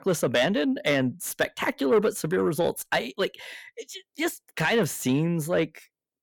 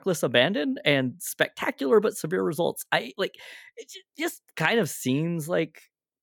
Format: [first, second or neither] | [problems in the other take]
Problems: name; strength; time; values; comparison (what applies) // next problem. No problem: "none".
second | distortion; slight; 10 dB below the speech